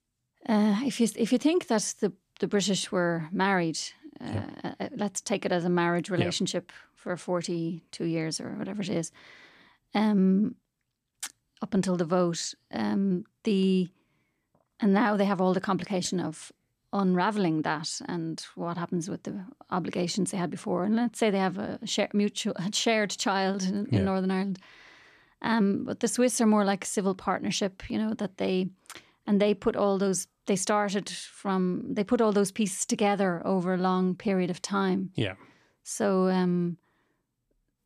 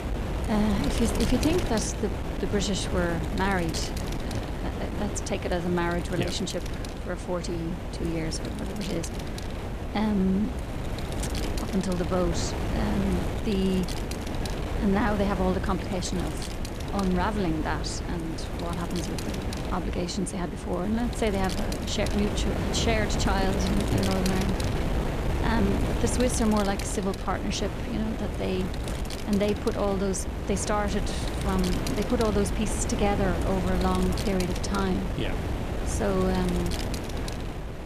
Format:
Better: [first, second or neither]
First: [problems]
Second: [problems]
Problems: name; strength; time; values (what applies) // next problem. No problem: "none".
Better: first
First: none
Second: wind noise on the microphone; heavy; 4 dB below the speech